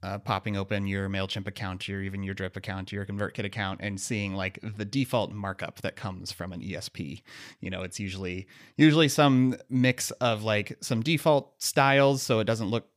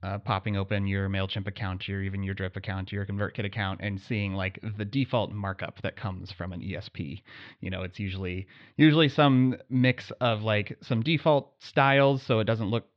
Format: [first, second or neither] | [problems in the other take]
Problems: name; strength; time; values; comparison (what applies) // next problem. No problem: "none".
first | muffled; slightly; fading above 4 kHz